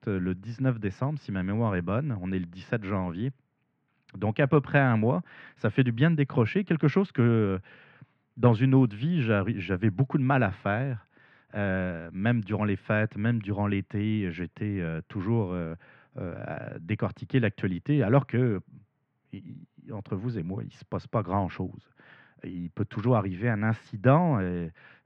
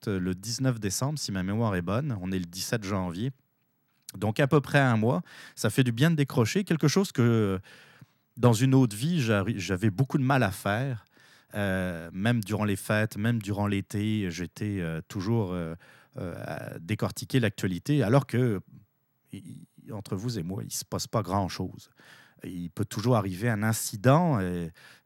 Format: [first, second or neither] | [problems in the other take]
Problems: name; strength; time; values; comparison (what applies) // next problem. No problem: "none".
second | muffled; very; fading above 2.5 kHz